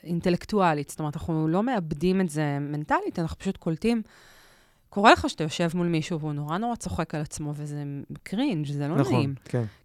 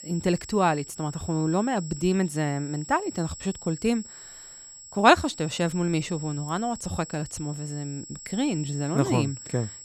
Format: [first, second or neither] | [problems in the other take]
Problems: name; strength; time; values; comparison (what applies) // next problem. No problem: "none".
first | high-pitched whine; noticeable; throughout; 7.5 kHz, 15 dB below the speech